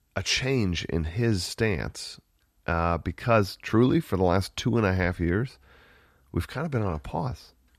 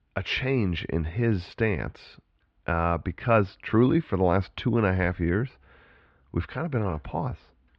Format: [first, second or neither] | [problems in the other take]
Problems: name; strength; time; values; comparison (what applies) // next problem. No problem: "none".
first | muffled; very; fading above 3 kHz